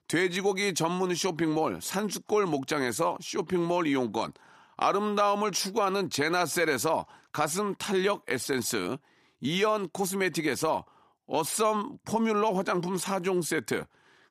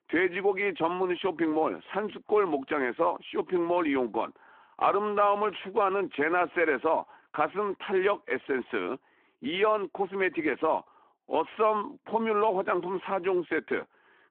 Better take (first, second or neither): first